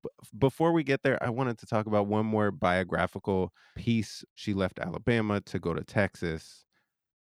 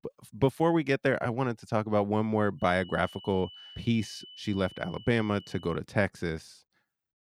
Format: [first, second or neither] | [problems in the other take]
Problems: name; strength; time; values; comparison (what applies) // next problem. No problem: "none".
first | high-pitched whine; noticeable; from 2.5 to 6 s; 3 kHz, 20 dB below the speech